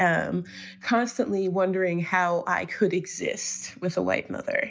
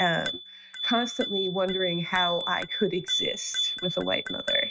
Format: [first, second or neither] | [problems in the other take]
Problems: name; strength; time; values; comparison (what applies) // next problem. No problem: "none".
first | noise reduction (neural mask model RNNoise)